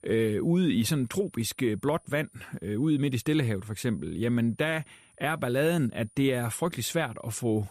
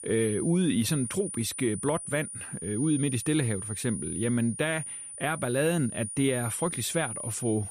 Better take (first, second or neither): first